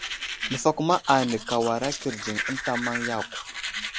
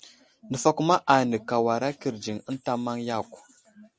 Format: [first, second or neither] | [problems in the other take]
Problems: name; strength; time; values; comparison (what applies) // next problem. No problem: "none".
second | background sound (Domestic sounds, home sounds); 6 dB below the speech